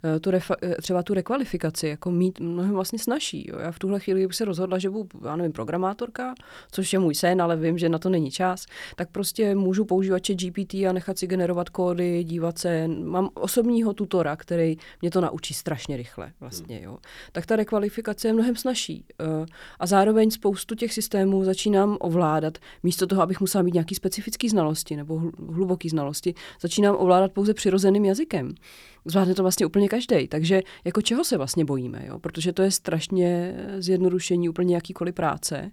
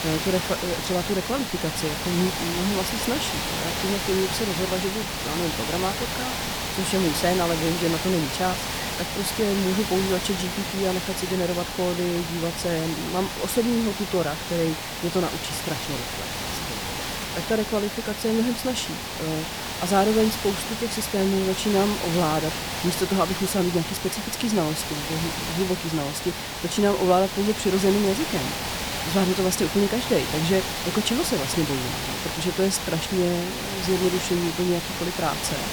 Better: first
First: none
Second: hiss; loud; throughout; 3 dB below the speech

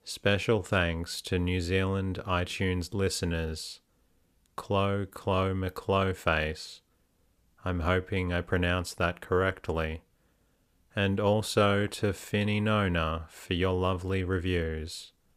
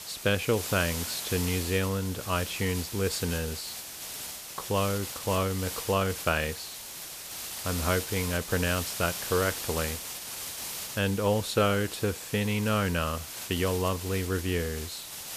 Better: first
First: none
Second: hiss; loud; throughout; 6 dB below the speech

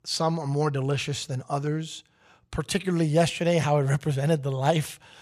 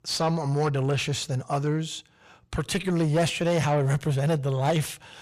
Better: first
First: none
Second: distortion; slight; 10 dB below the speech

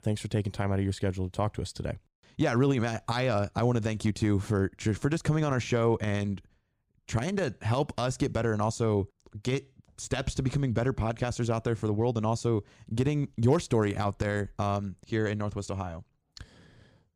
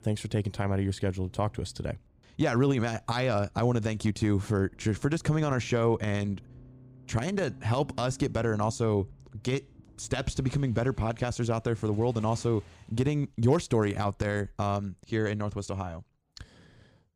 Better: first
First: none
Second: traffic noise; faint; until 13 s; 25 dB below the speech

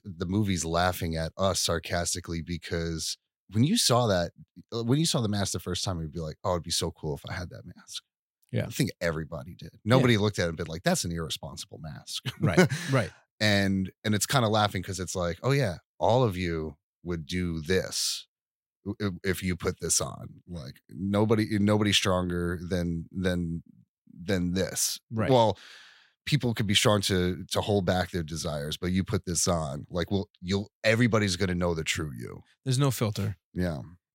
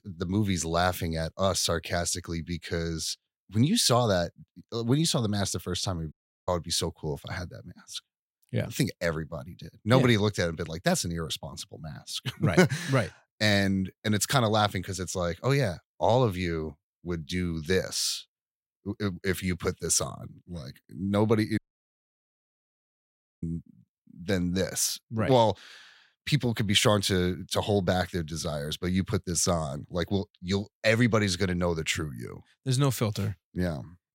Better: first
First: none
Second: audio cutting out; at 6 s and at 22 s for 2 s

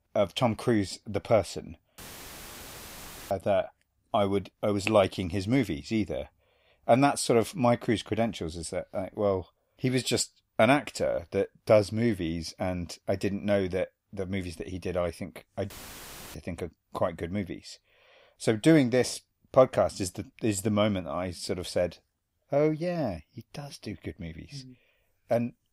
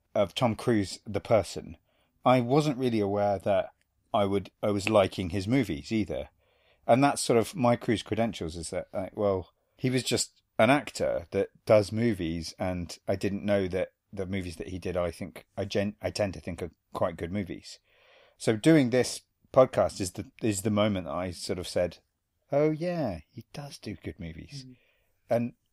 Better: second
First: audio cutting out; filled with static; at 2 s for 1.5 s and at 16 s for 0.5 s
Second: none

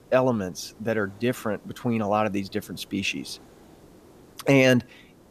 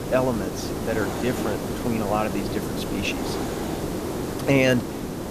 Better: first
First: hiss; faint; throughout; 25 dB below the speech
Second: hiss; loud; throughout; 3 dB below the speech

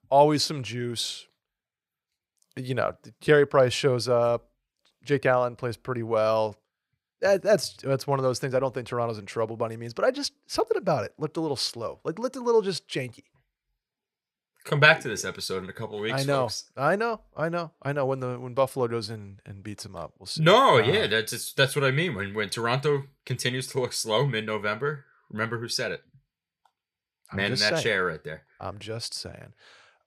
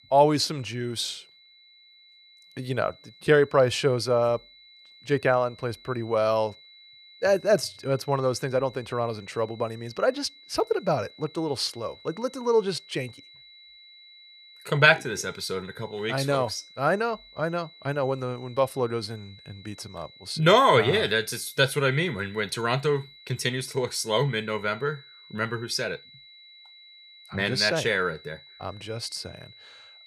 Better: first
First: none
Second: high-pitched whine; faint; throughout; 4 kHz, 25 dB below the speech

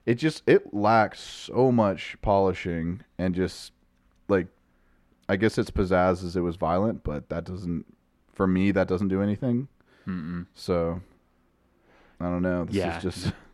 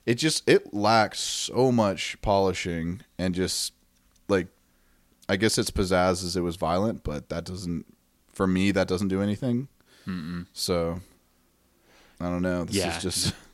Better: second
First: muffled; slightly; fading above 3.5 kHz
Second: none

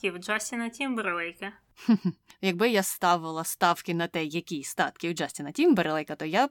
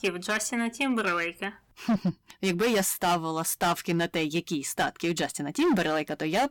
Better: first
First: none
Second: distortion; heavy; 10% of the sound clipped

